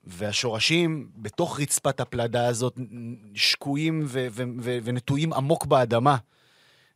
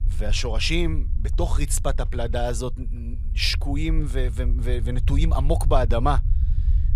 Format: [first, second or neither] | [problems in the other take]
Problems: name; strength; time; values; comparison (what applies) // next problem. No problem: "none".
first | low rumble; noticeable; throughout; 20 dB below the speech